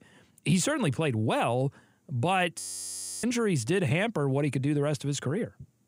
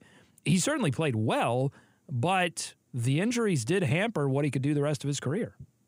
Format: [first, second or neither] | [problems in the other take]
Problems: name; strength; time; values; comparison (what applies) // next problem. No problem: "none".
second | audio freezing; at 2.5 s for 0.5 s